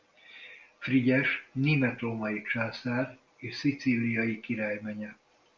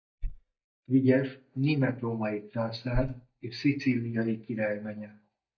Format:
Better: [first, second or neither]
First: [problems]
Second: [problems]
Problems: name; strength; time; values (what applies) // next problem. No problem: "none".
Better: first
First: none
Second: noise reduction (neural mask model DeepFilterNet 3)